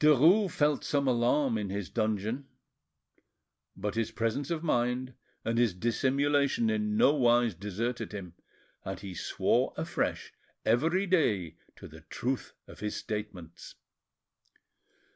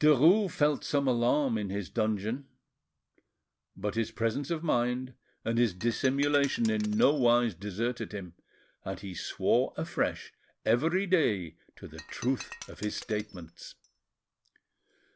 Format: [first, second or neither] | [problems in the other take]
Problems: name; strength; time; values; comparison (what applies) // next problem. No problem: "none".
first | background sound (Shatter); 19 dB below the speech